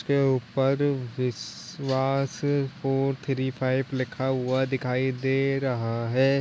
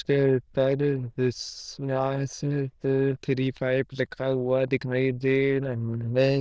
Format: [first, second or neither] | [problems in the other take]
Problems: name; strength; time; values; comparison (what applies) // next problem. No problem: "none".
first | noise reduction (neural diffusion model UNIVERSE++)